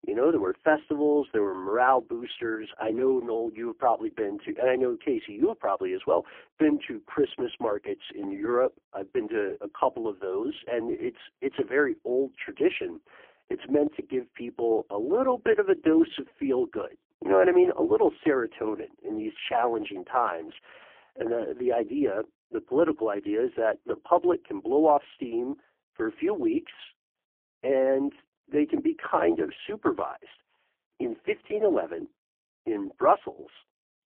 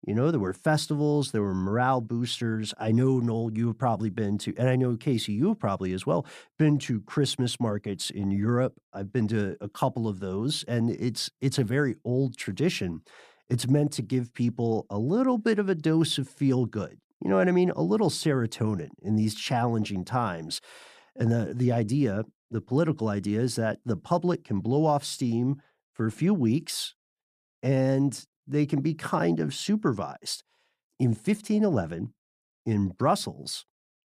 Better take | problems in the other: second | phone-call audio; poor line; nothing above 3.5 kHz

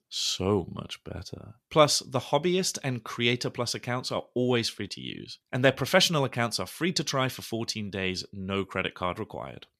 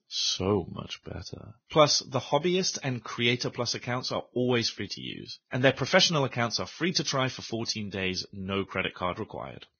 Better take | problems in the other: first | garbled, watery; badly; nothing above 6.5 kHz

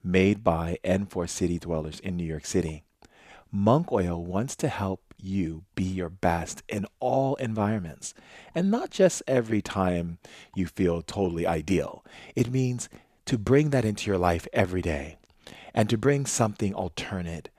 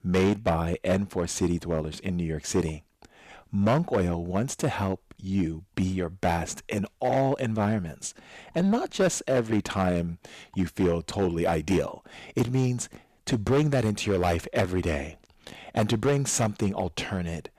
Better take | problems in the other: first | distortion; slight; 6% of the sound clipped

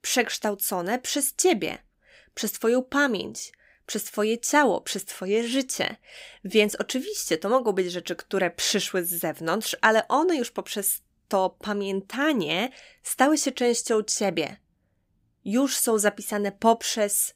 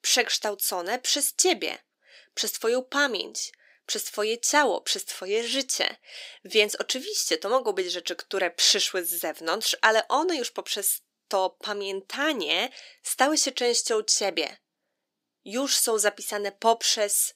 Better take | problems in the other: first | thin; somewhat; fading below 350 Hz

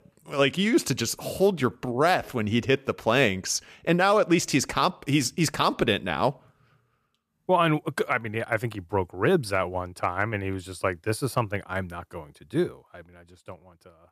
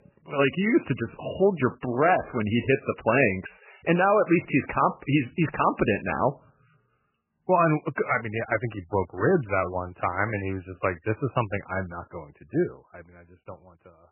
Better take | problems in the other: first | garbled, watery; badly; nothing above 3 kHz

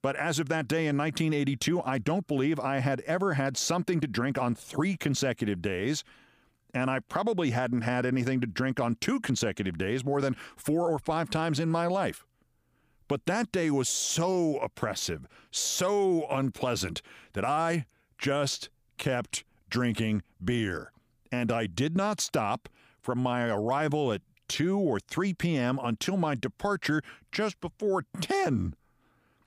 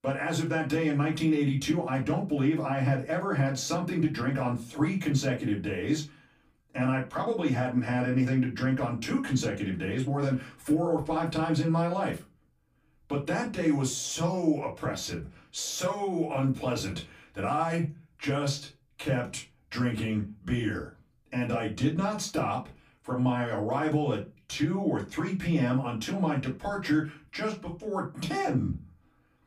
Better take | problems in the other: first | off-mic speech; far // room echo; very slight; dies away in 0.2 s

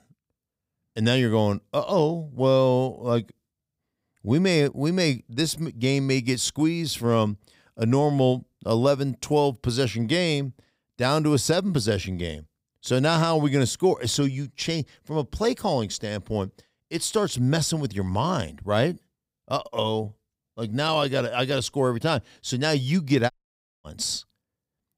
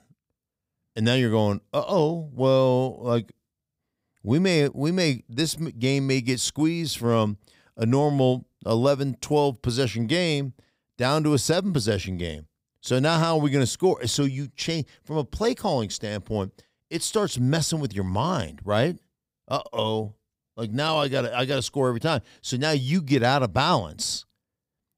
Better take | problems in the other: second | audio cutting out; at 23 s for 0.5 s

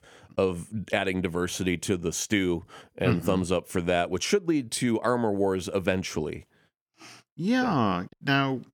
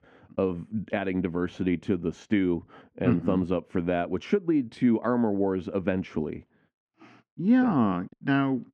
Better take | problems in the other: first | muffled; very; fading above 2 kHz

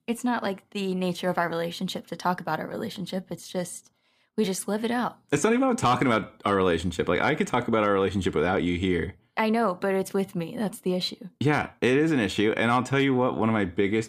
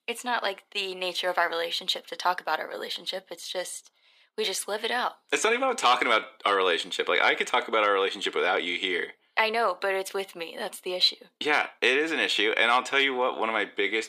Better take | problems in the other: first | thin; very; fading below 450 Hz

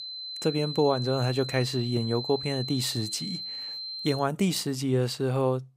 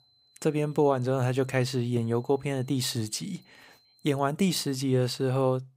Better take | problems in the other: second | high-pitched whine; loud; until 4 s; 4 kHz, 7 dB below the speech; faint in the second

